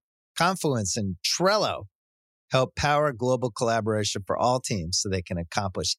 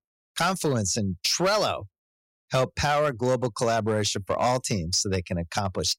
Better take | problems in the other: first | distortion; slight; 5% of the sound clipped

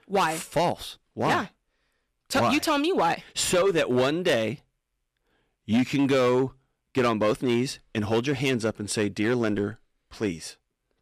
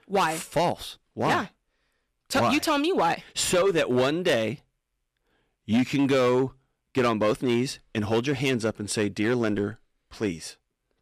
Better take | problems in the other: neither | distortion; slight; 6% of the sound clipped; the same in both

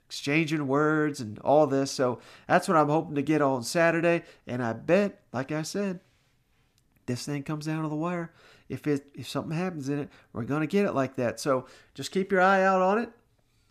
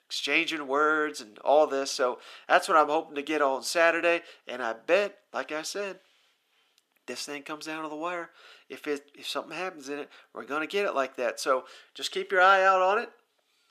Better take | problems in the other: first | thin; somewhat; fading below 400 Hz

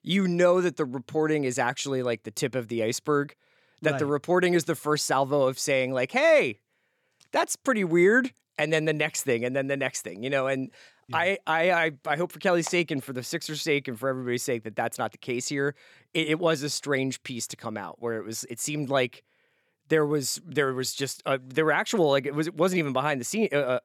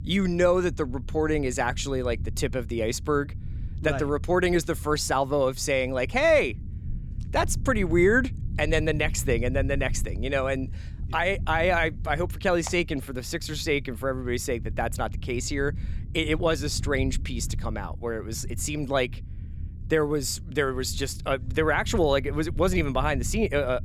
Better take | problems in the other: first | low rumble; faint; throughout; 25 dB below the speech

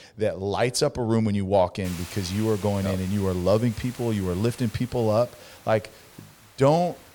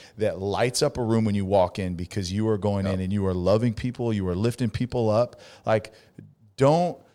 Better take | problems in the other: second | hiss; noticeable; from 2 s on; 20 dB below the speech

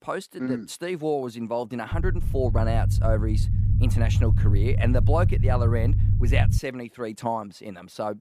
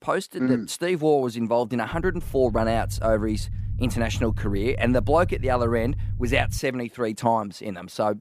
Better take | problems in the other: second | low rumble; loud; from 2 to 6.5 s; 8 dB below the speech; faint in the second

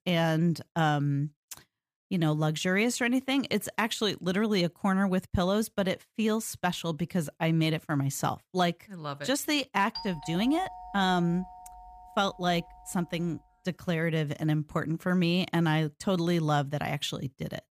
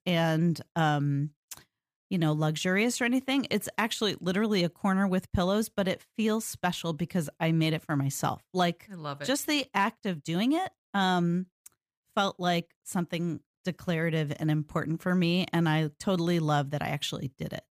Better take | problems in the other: second | doorbell; faint; from 10 to 13 s; peak 10 dB below the speech

